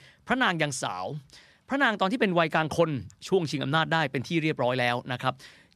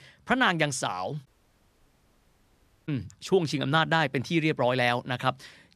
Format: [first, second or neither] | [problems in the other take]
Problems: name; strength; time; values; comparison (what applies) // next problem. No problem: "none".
first | audio cutting out; at 1.5 s for 1.5 s